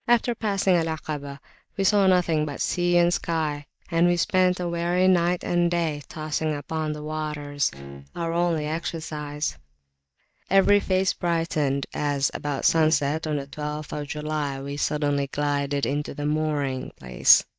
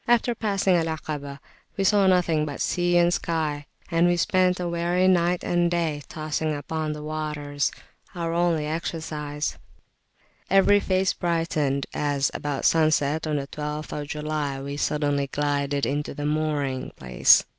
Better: second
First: noise reduction (neural mask model DeepFilterNet 3)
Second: none

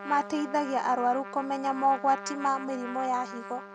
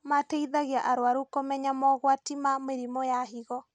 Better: second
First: background sound (Trumpet); 11 dB below the speech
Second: none

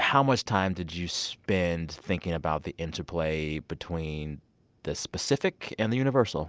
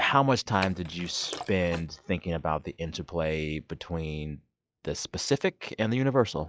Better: first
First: none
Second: noise reduction (classical method log-MMSE)

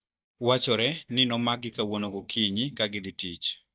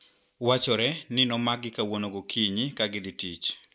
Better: second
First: noise reduction (neural mask model DeepFilterNet 3)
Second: none

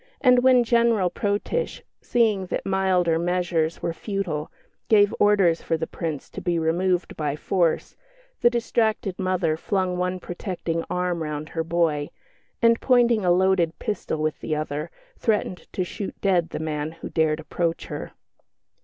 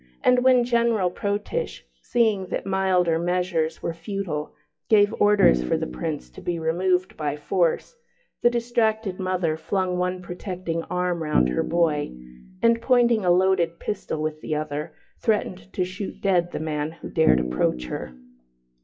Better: first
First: none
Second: noise reduction (classical method WPE with log-MMSE)

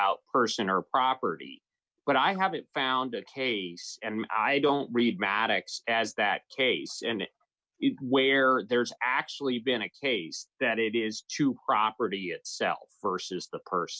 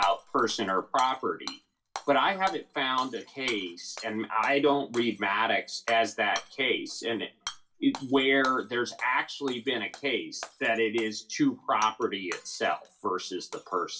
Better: first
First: none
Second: background sound (Shatter / Hammer); 17 dB below the speech // room echo; dies away in 0.2 s

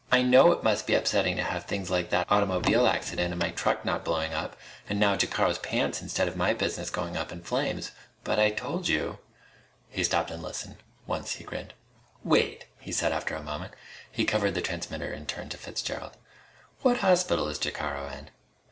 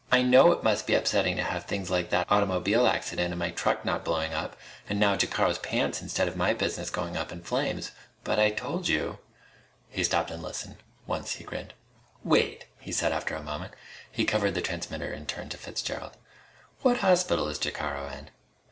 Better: second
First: background sound (Door); 8 dB below the speech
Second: none

